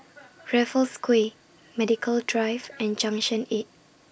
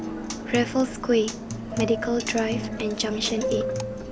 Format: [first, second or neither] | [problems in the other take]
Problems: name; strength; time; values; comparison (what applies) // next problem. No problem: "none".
first | background sound (Acoustic guitar + Subway, metro, underground); 4 dB below the speech